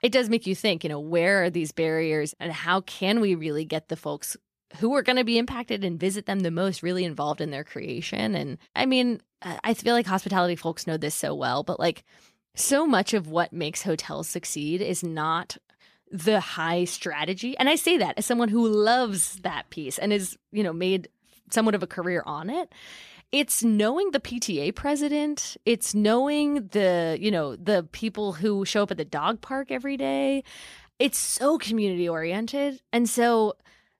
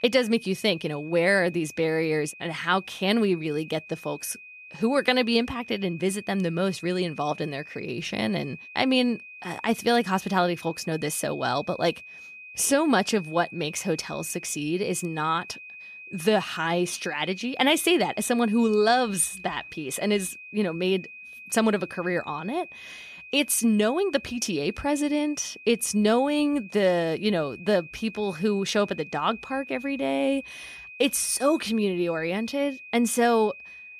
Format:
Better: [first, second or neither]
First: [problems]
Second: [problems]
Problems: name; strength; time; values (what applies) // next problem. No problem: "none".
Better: first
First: none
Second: high-pitched whine; noticeable; throughout; 2.5 kHz, 15 dB below the speech